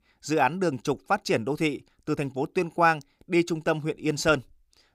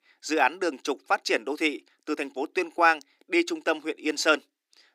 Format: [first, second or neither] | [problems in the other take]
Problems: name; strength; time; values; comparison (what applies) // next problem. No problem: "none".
first | thin; somewhat; fading below 300 Hz